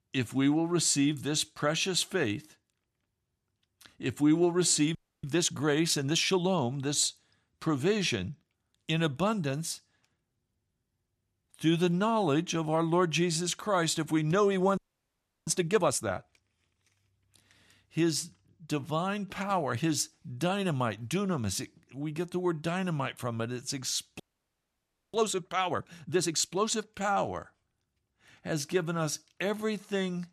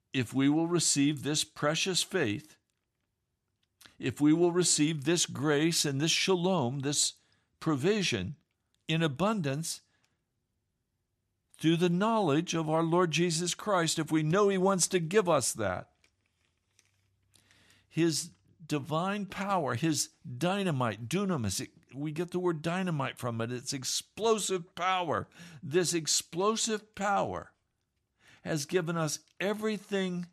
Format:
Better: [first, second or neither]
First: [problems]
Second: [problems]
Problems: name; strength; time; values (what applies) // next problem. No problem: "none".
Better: second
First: audio freezing; at 5 s, at 15 s for 0.5 s and at 24 s for 1 s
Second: none